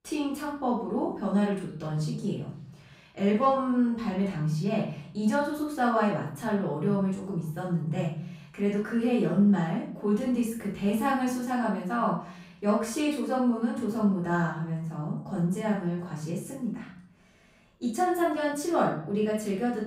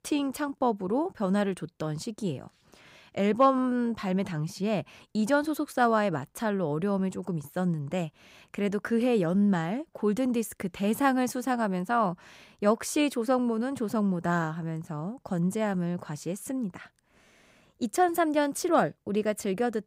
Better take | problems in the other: second | off-mic speech; far // room echo; noticeable; dies away in 0.7 s

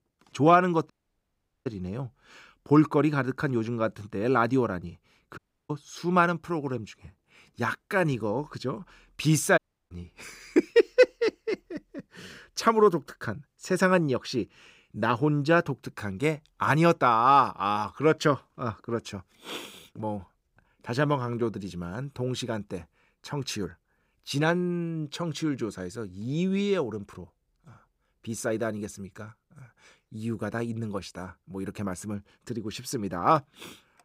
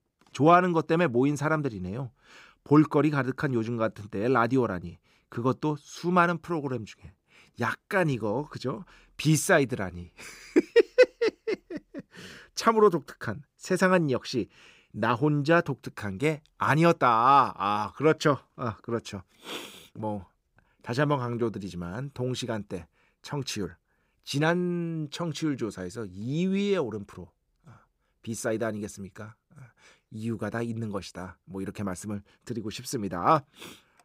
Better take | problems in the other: second | audio cutting out; at 1 s for 0.5 s, at 5.5 s and at 9.5 s

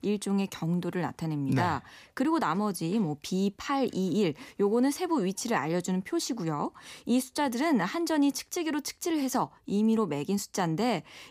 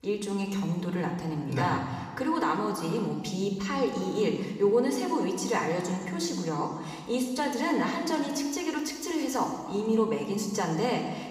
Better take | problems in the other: first | room echo; noticeable; dies away in 1.5 s // off-mic speech; somewhat distant

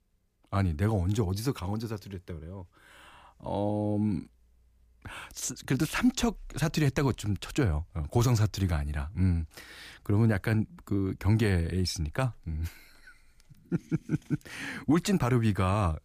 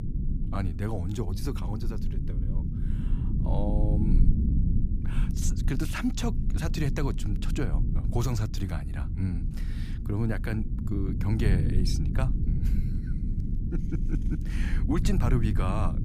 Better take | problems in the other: first | low rumble; loud; throughout; 6 dB below the speech

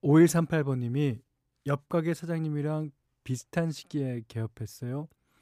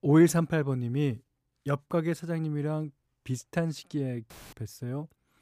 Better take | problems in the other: first | audio cutting out; filled with static; at 4.5 s

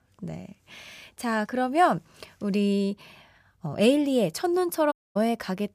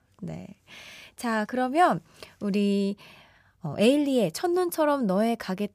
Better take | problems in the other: second | audio cutting out; at 5 s

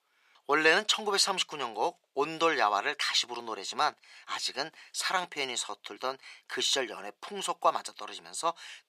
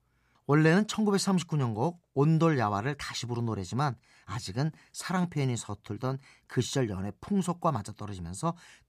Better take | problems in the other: second | thin; very; fading below 500 Hz

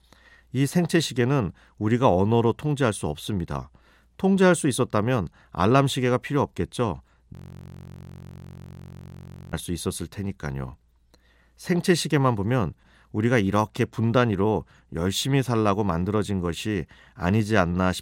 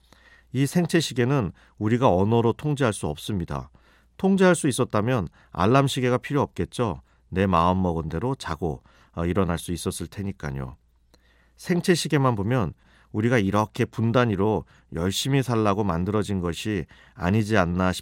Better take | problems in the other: second | audio freezing; at 7.5 s for 2 s

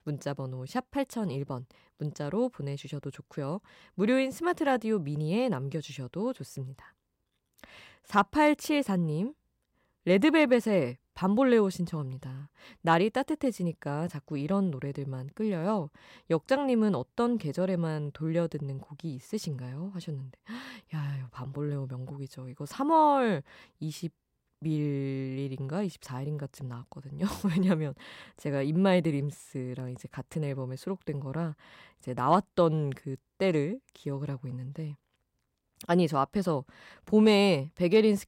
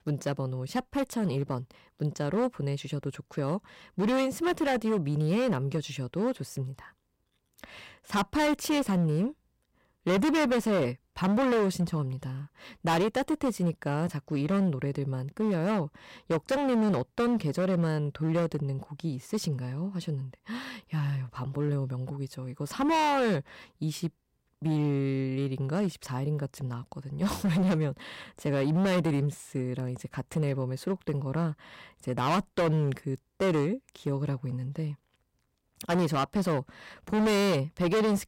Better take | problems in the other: first | distortion; heavy; 11% of the sound clipped

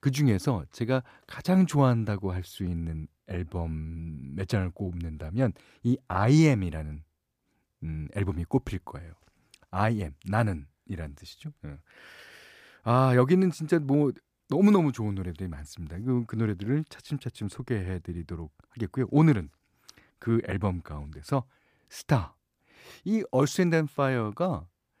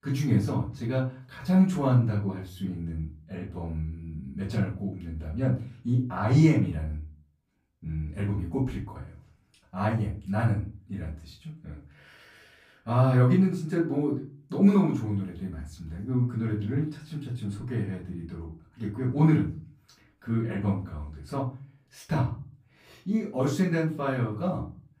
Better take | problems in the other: first | off-mic speech; far // room echo; slight; dies away in 0.3 s

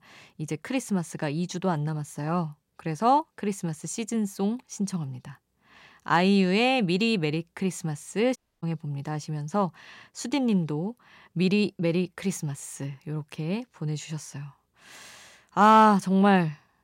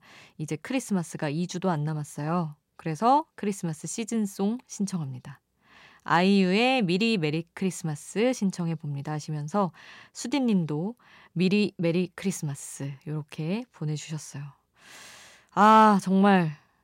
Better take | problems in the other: second | audio cutting out; at 8.5 s

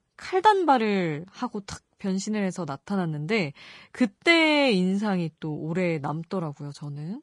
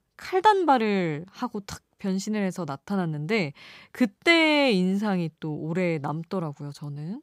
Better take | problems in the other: second | garbled, watery; slightly; nothing above 10 kHz

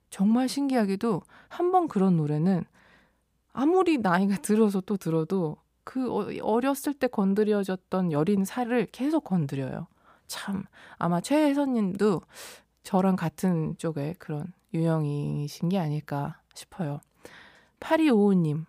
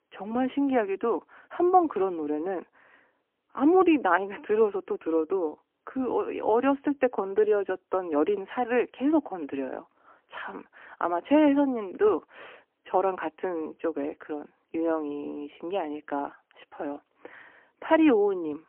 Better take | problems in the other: first | phone-call audio; poor line

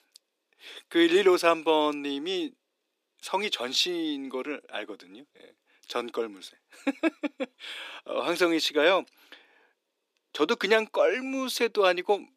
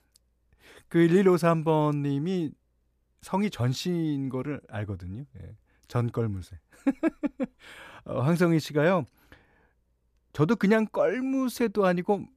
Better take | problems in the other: second | thin; somewhat; fading below 300 Hz

